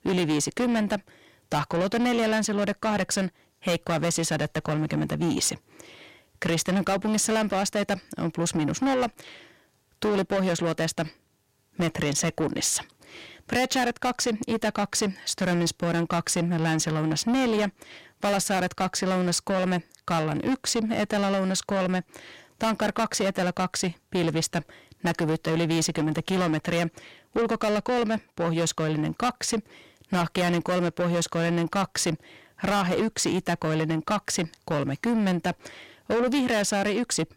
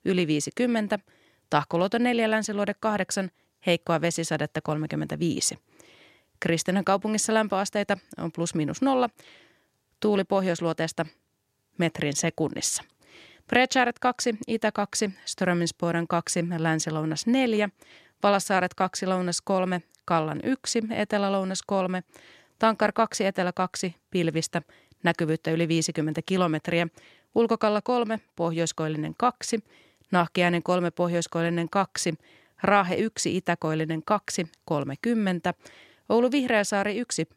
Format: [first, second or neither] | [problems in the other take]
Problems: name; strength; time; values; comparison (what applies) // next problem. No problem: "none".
second | distortion; heavy; 7 dB below the speech